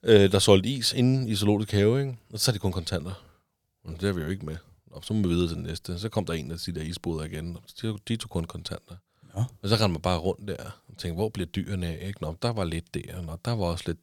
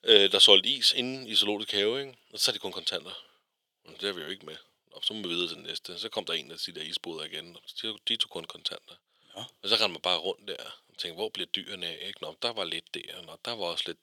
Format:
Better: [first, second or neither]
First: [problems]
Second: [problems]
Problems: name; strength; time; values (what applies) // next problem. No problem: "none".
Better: first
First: none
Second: thin; somewhat; fading below 400 Hz